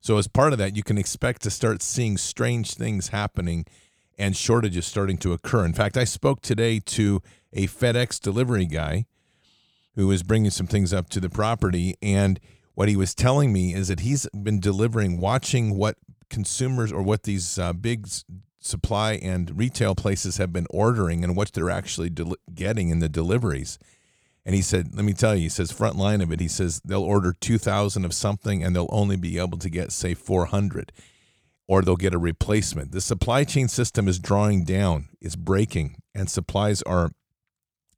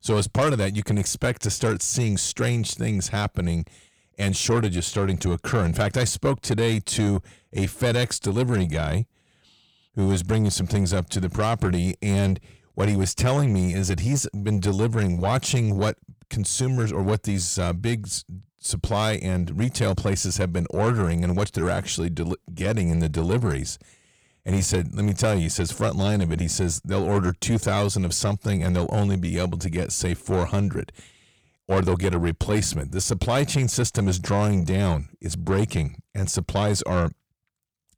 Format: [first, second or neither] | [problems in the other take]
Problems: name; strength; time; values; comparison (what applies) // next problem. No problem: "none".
first | distortion; slight; 10 dB below the speech